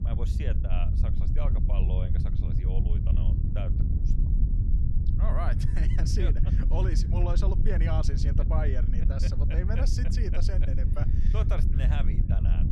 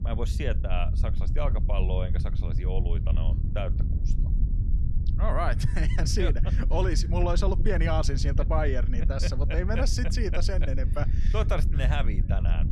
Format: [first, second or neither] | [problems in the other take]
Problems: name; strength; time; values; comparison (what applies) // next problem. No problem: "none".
second | wind noise on the microphone; heavy; 3 dB below the speech; occasional gusts in the second